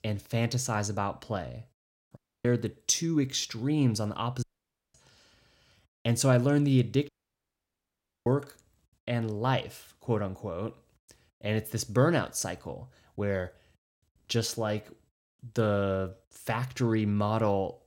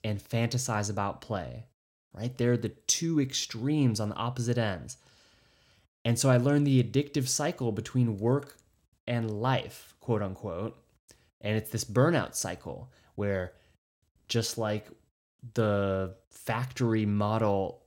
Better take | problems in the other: second | audio cutting out; at 2 s, at 4.5 s for 0.5 s and at 7 s for 1 s

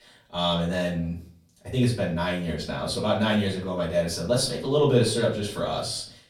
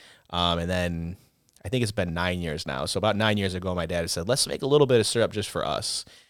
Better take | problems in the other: second | off-mic speech; far // room echo; slight; dies away in 0.4 s

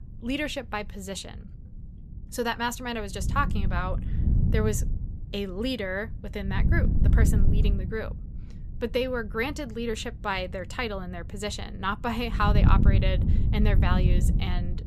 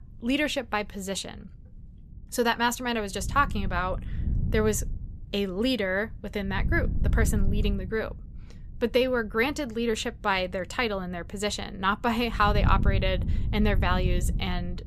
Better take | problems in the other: second | wind noise on the microphone; heavy; 8 dB below the speech; occasional gusts in the second

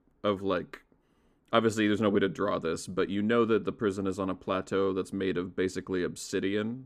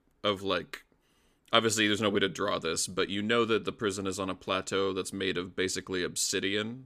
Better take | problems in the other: second | muffled; slightly; fading above 2 kHz

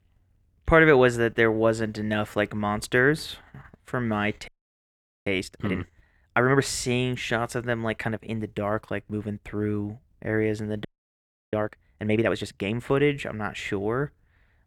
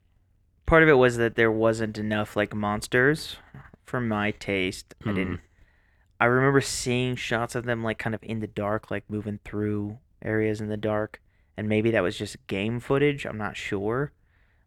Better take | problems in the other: second | audio freezing; at 4.5 s for 1 s and at 11 s for 0.5 s

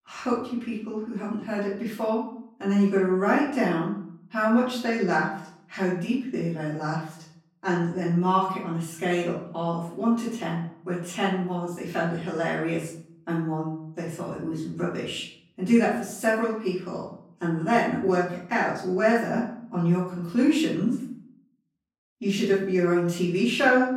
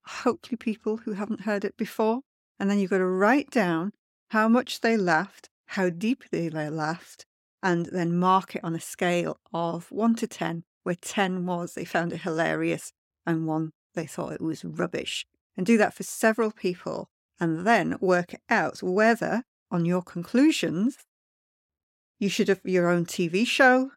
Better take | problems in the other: second | off-mic speech; far // room echo; noticeable; dies away in 0.5 s

